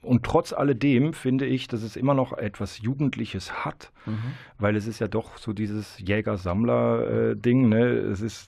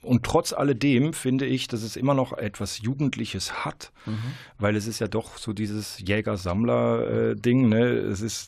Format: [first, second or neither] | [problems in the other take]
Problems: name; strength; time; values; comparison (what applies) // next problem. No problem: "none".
second | muffled; slightly; fading above 4 kHz